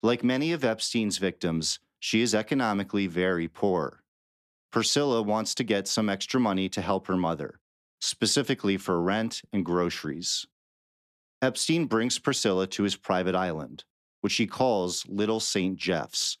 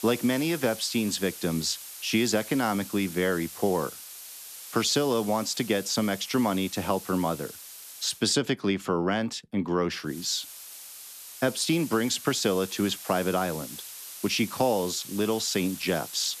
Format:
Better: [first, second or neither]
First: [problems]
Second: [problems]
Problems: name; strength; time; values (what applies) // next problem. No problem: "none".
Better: first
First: none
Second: hiss; noticeable; until 8 s and from 10 s on; 10 dB below the speech